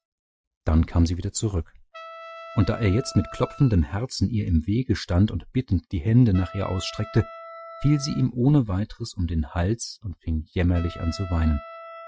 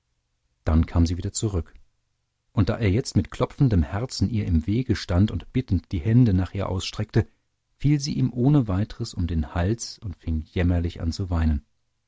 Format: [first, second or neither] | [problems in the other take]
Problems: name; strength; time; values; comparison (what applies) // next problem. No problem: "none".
second | noise reduction (classical method Wiener filter)